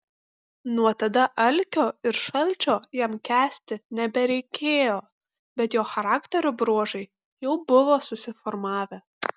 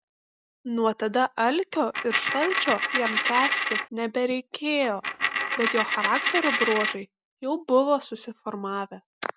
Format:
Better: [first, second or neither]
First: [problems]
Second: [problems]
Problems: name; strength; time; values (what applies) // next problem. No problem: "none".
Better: first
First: none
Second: background sound (Coin (dropping)); as loud as the speech